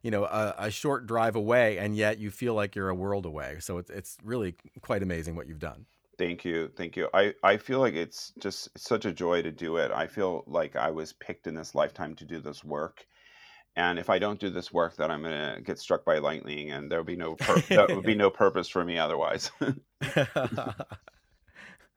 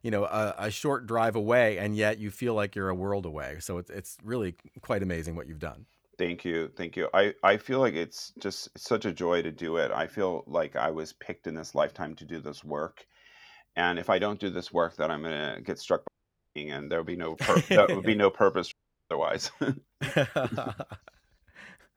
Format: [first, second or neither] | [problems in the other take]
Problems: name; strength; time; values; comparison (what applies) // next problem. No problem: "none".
first | audio cutting out; at 16 s and at 19 s